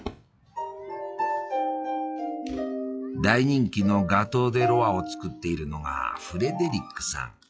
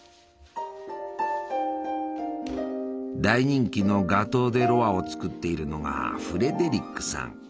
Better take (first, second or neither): second